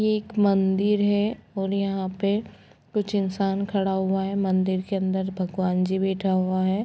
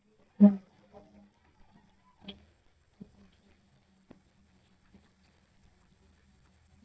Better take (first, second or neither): first